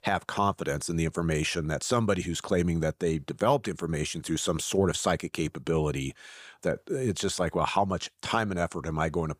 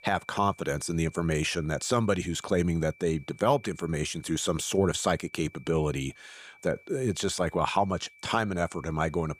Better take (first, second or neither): first